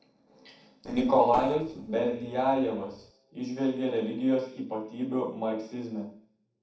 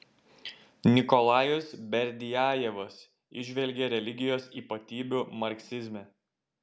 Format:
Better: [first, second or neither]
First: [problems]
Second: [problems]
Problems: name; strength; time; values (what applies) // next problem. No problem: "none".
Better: second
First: noise reduction (neural separator model SepFormer DNS4)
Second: none